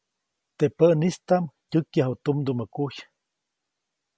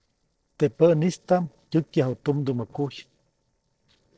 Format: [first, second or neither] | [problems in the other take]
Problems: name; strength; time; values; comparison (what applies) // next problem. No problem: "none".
first | noise reduction (neural separator model SepFormer DNS4)